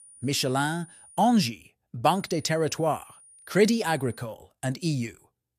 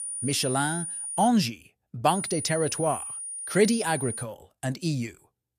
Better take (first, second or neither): first